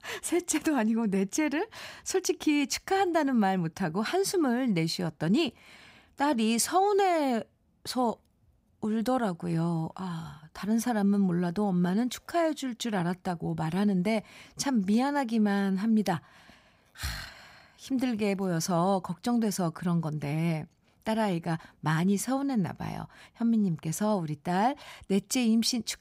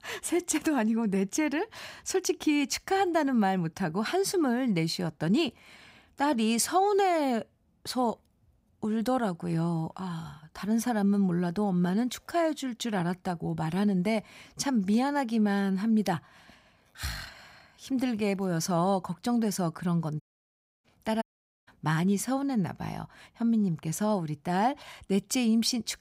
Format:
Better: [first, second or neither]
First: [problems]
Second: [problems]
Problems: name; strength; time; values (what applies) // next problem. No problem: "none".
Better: first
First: none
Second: audio cutting out; at 20 s for 0.5 s and at 21 s